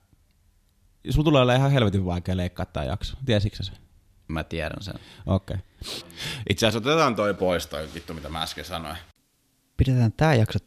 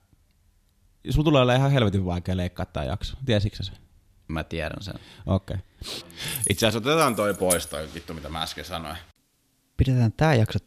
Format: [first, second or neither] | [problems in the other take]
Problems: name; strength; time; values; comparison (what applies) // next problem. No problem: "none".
first | jangling keys; noticeable; from 6.5 to 7.5 s; peak 2 dB below the speech